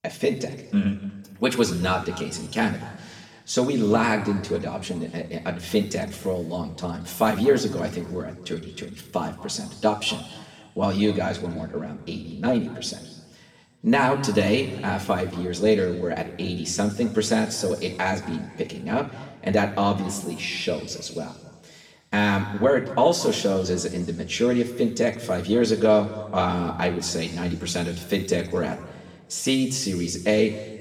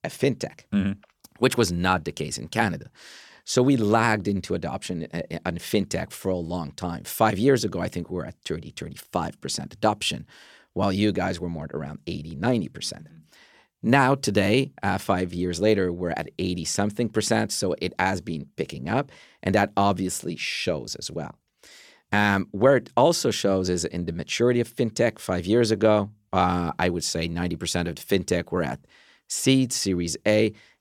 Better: second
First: room echo; noticeable; dies away in 1.4 s // off-mic speech; far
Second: none

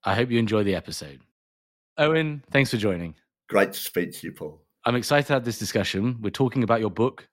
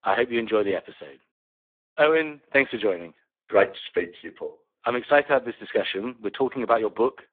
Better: first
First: none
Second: phone-call audio; poor line

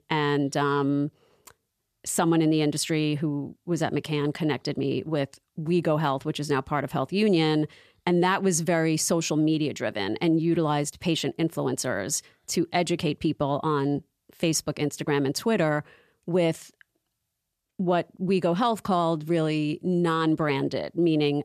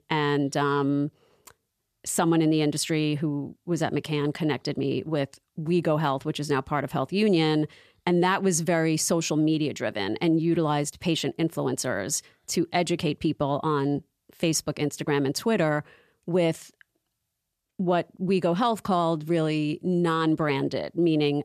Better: neither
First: none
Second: none

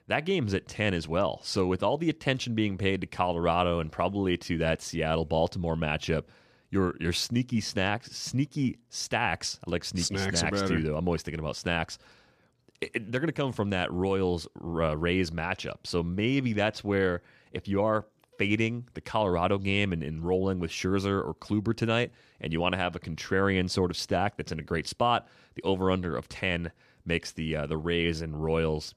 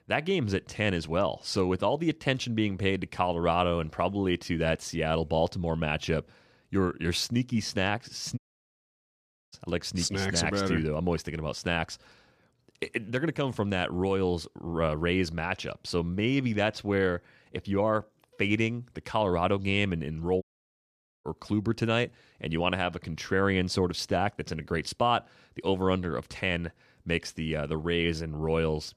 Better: first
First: none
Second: audio cutting out; at 8.5 s for 1 s and at 20 s for 1 s

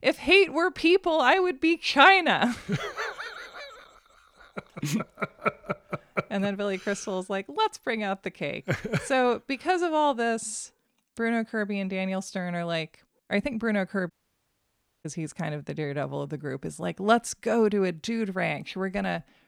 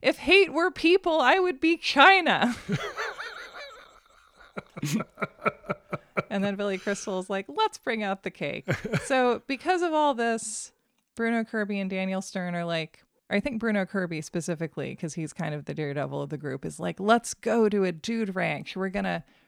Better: second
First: audio cutting out; at 14 s for 1 s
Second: none

